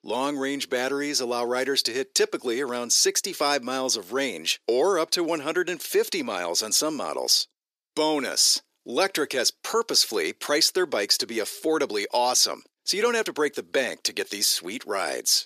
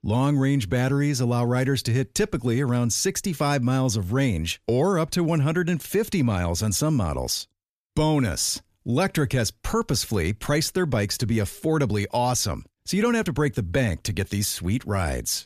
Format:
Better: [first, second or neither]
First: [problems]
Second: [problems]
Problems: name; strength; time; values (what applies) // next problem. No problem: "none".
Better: second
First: thin; somewhat; fading below 350 Hz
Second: none